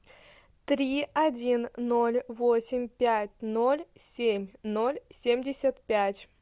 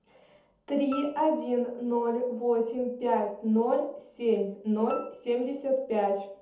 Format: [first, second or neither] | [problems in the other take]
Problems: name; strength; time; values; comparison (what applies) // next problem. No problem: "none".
first | background sound (Piano); 17 dB below the speech // room echo; dies away in 0.6 s